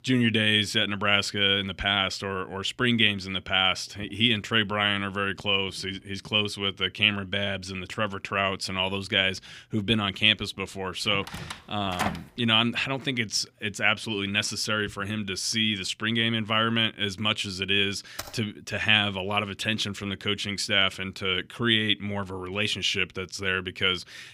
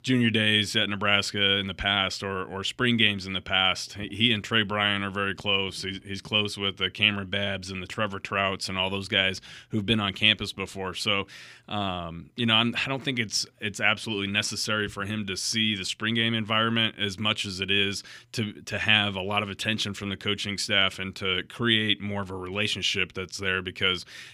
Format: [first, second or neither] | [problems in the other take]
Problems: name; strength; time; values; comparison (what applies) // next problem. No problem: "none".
second | door banging; noticeable; from 11 to 12 s; peak 5 dB below the speech // keyboard typing; faint; at 18 s; peak 15 dB below the speech